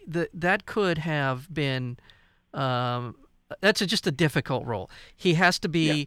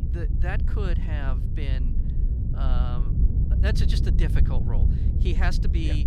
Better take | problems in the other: first | low rumble; loud; throughout; 5 dB below the speech

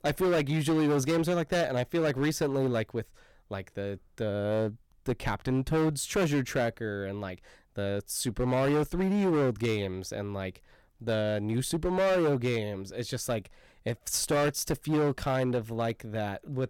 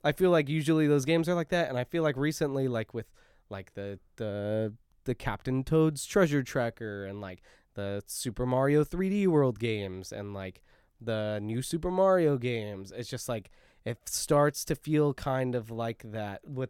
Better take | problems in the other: second | distortion; heavy; 12% of the sound clipped

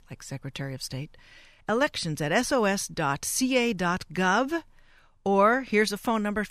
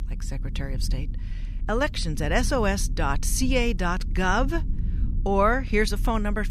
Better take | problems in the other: first | low rumble; faint; throughout; 20 dB below the speech

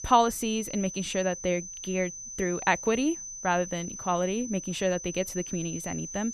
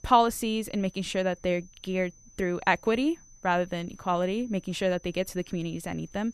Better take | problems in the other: second | high-pitched whine; loud; throughout; 6 kHz, 8 dB below the speech; faint in the second

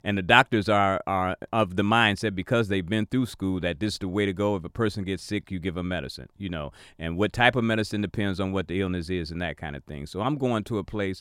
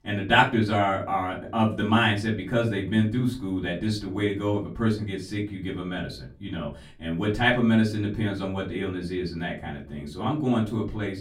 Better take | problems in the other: first | off-mic speech; far // room echo; very slight; dies away in 0.3 s

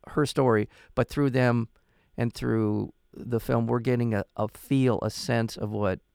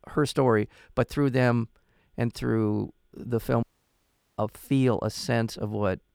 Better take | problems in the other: first | audio cutting out; at 3.5 s for 1 s

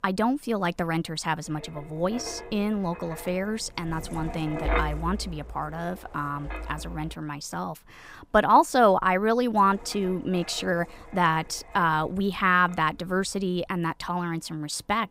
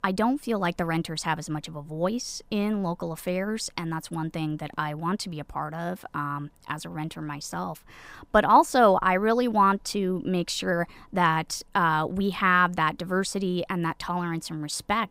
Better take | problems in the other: second | wind noise on the microphone; occasional gusts; from 1.5 to 7 s and from 9.5 to 14 s; 15 dB below the speech

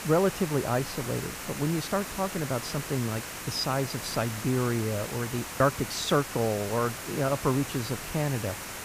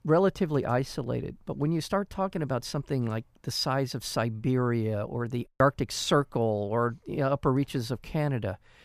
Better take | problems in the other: second | hiss; loud; throughout; 7 dB below the speech

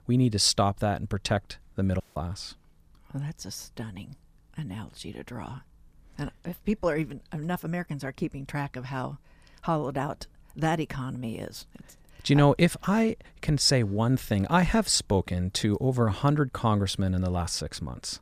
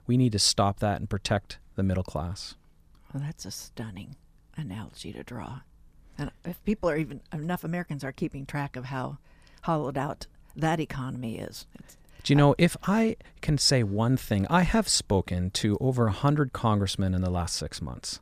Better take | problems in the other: second | audio cutting out; at 2 s

